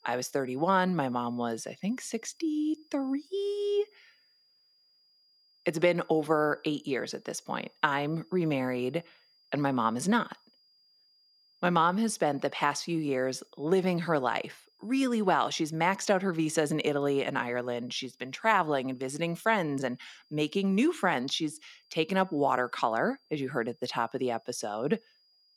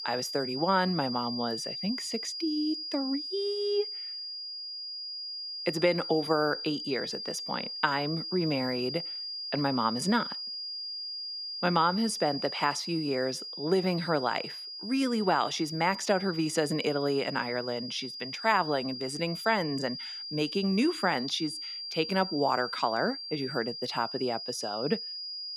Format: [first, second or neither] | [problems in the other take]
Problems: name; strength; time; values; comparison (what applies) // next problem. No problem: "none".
first | high-pitched whine; loud; throughout; 5 kHz, 6 dB below the speech; faint in the first